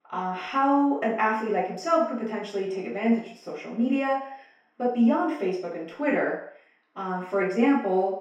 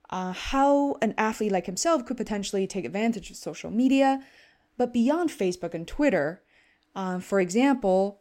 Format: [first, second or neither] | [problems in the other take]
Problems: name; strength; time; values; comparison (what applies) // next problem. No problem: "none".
second | room echo; noticeable; dies away in 0.6 s // off-mic speech; far